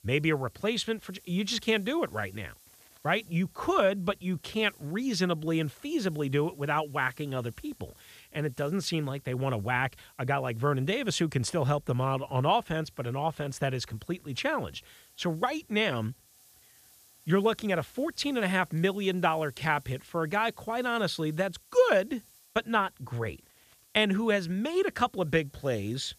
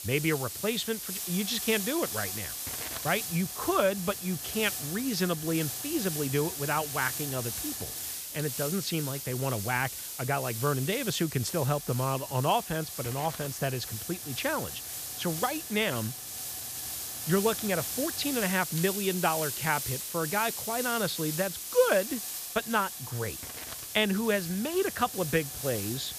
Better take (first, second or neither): first